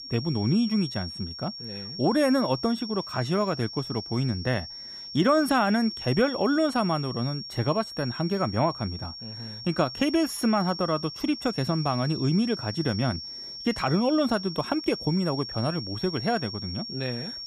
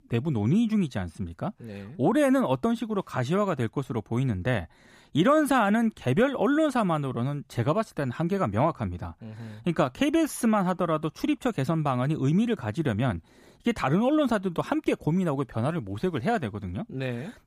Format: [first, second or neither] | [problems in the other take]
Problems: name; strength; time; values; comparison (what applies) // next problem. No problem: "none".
second | high-pitched whine; loud; throughout; 5.5 kHz, 9 dB below the speech